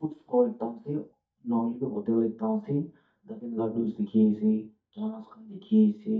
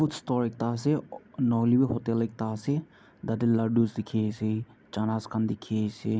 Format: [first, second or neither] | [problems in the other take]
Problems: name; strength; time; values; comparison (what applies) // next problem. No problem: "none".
second | noise reduction (neural mask model DeepFilterNet 3)